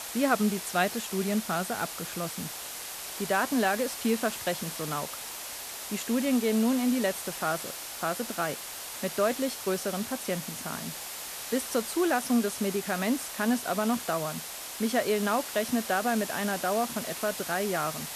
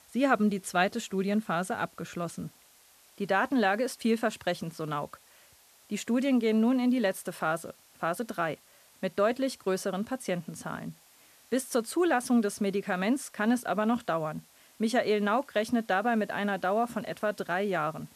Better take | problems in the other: second | hiss; loud; throughout; 6 dB below the speech; faint in the second

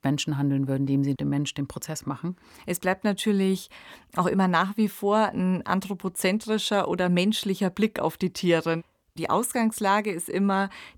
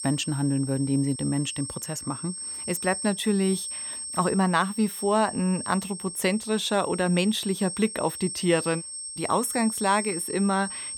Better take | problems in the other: first | high-pitched whine; loud; throughout; 8.5 kHz, 7 dB below the speech

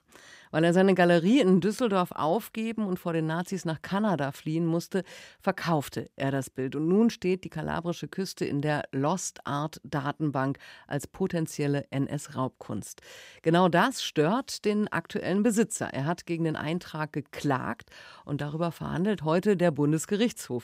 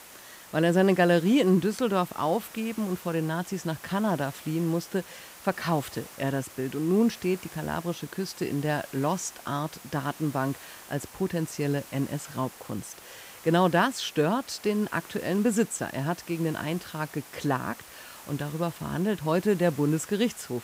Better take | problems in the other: first | hiss; noticeable; throughout; 15 dB below the speech

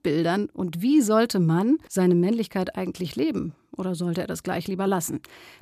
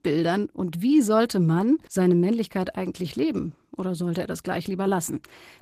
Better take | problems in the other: first | garbled, watery; slightly; nothing above 14.5 kHz

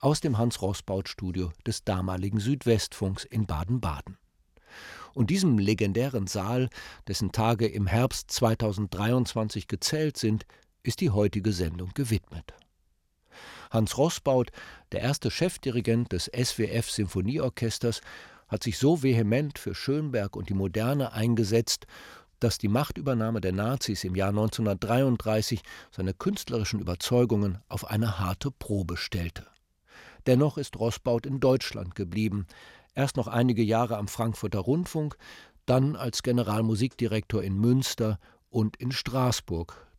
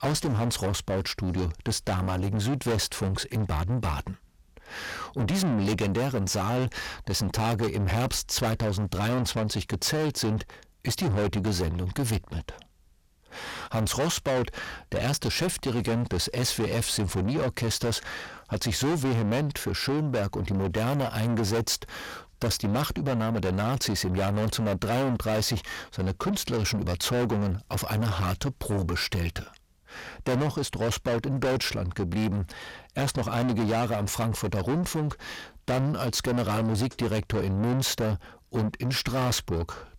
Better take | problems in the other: first | distortion; heavy; 6 dB below the speech

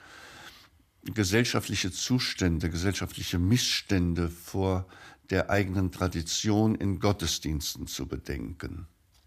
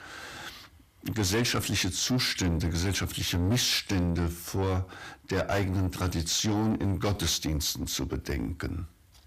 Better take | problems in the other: first | distortion; heavy; 7 dB below the speech

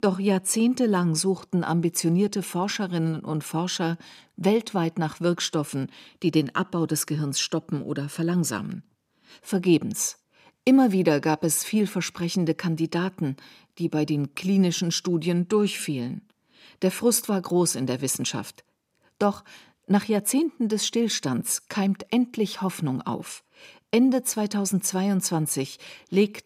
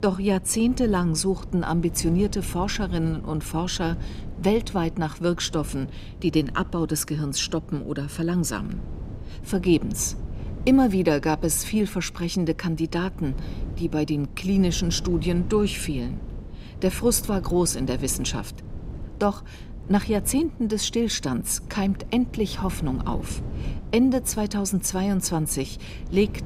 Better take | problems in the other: first | wind noise on the microphone; occasional gusts; 20 dB below the speech

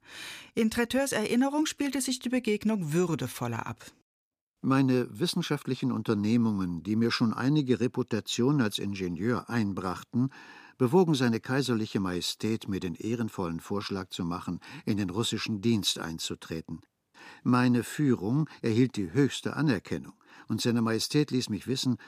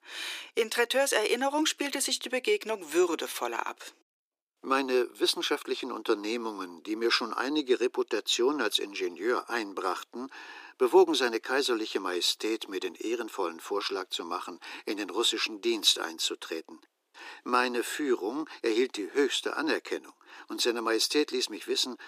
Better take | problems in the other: first | thin; very; fading below 350 Hz

